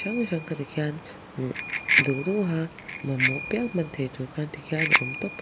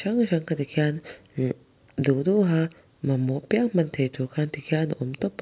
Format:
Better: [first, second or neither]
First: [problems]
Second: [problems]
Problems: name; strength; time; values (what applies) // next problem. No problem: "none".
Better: second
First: background sound (Bicycle bell); as loud as the speech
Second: none